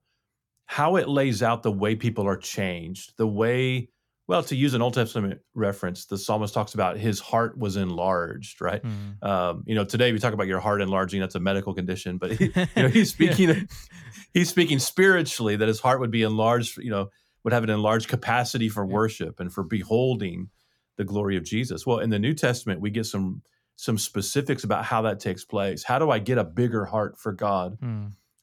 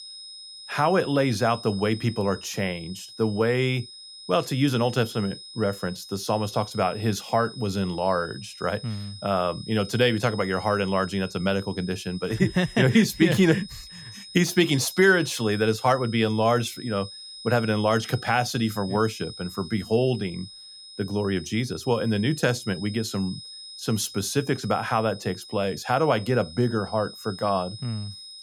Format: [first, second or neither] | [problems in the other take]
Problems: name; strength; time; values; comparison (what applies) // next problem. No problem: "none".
first | high-pitched whine; noticeable; throughout; 5 kHz, 15 dB below the speech